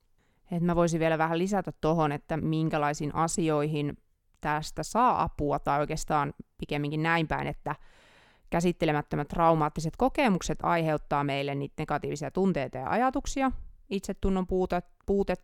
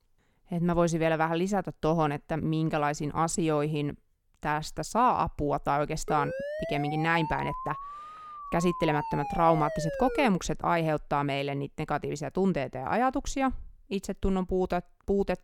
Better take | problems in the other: first | siren; noticeable; from 6 to 10 s; peak 6 dB below the speech

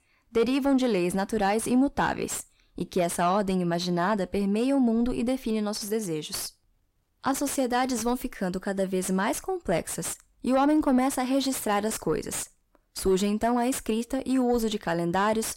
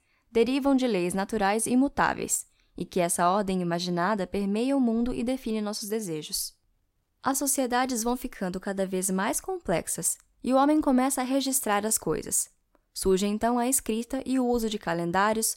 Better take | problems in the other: second | distortion; slight; 10 dB below the speech

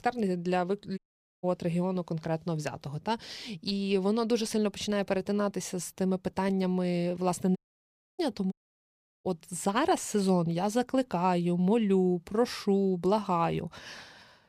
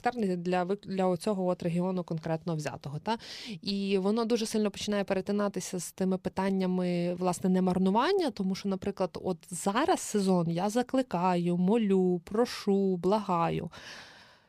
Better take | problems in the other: second | audio cutting out; at 1 s, at 7.5 s for 0.5 s and at 8.5 s for 0.5 s

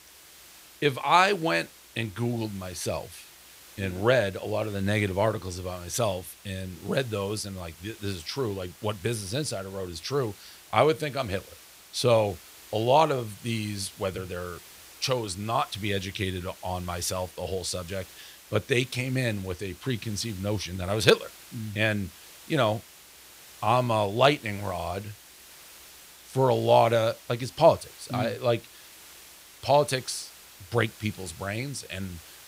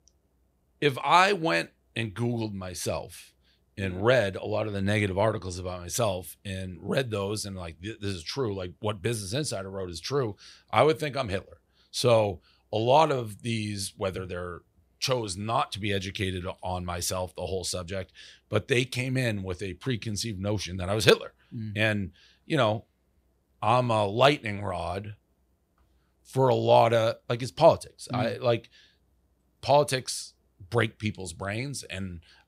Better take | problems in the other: second | hiss; noticeable; throughout; 20 dB below the speech

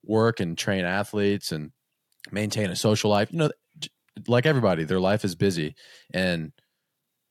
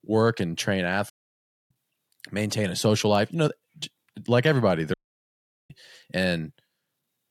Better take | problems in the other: first | audio cutting out; at 1 s for 0.5 s and at 5 s for 1 s

